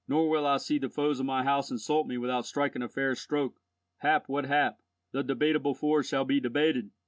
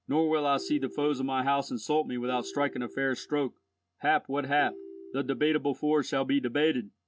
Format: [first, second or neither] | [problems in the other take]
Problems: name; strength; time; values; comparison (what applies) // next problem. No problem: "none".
first | background sound (Ringtone); 18 dB below the speech